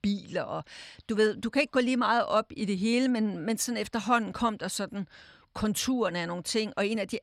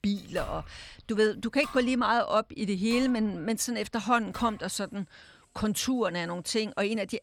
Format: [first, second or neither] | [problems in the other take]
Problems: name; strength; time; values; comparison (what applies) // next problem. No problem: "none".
first | household noises; noticeable; throughout; 20 dB below the speech